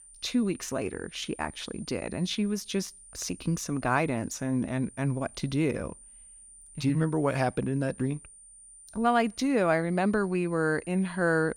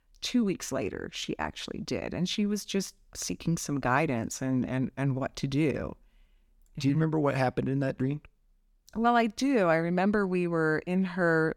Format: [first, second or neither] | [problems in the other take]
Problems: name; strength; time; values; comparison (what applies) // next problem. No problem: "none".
second | high-pitched whine; noticeable; throughout; 9 kHz, 20 dB below the speech